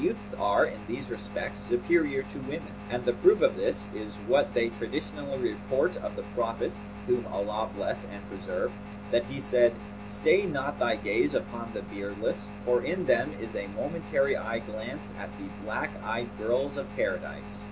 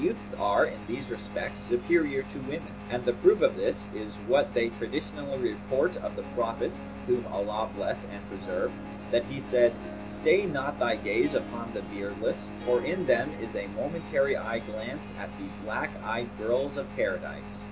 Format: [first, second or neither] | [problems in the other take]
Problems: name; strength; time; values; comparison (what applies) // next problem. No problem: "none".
first | background sound (Harp); 19 dB below the speech